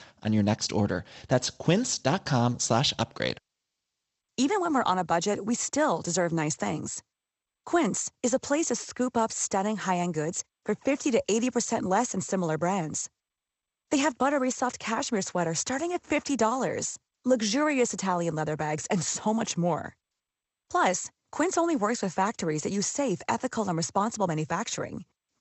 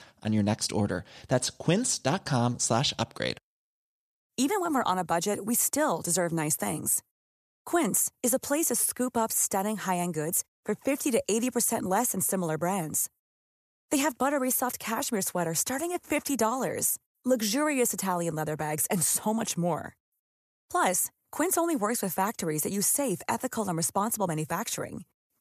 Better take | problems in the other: second | garbled, watery; slightly; nothing above 8 kHz

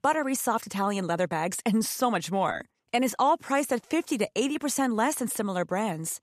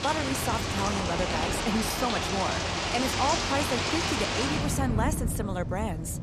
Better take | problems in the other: first | rain or running water; very loud; throughout; 2 dB above the speech

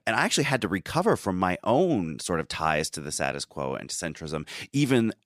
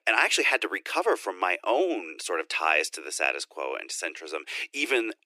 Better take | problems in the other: first | thin; very; fading below 300 Hz

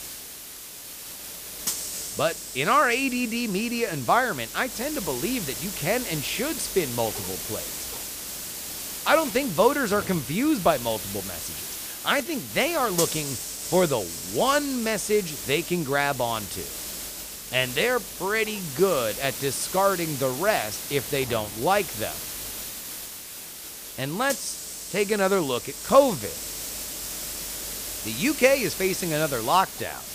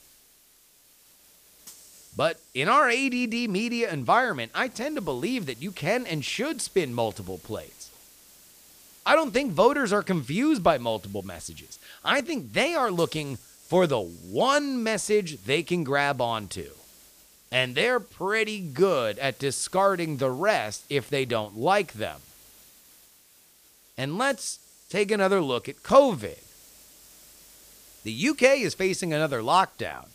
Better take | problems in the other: second | hiss; loud; throughout; 7 dB below the speech; faint in the second

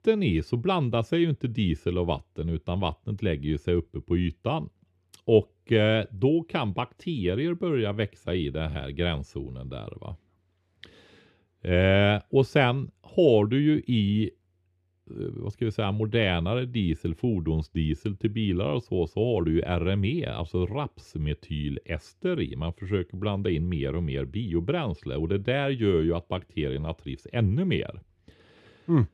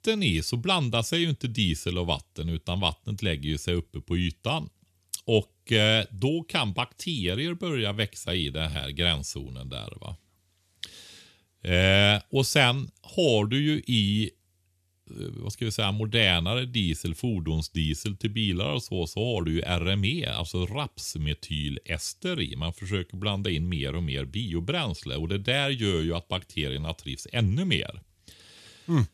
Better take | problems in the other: second | muffled; very; fading above 3.5 kHz

